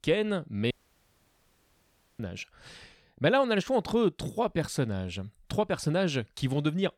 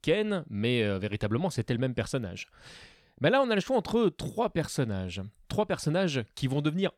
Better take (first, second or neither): second